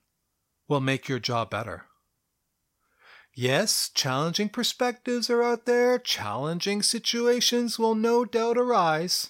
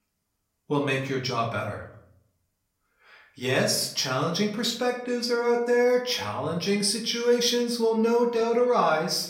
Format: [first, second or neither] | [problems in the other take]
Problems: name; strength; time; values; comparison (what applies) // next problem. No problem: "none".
first | room echo; slight; dies away in 0.5 s // off-mic speech; far